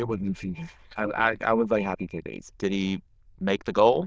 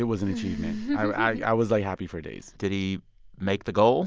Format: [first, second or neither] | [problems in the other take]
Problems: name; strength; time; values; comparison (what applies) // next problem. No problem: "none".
second | noise reduction (neural diffusion model UNIVERSE++)